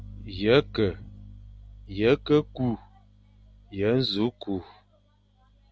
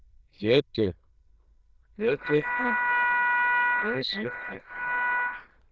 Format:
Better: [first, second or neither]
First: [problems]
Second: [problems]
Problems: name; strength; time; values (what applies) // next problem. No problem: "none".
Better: first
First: none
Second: noise reduction (neural diffusion model UNIVERSE++)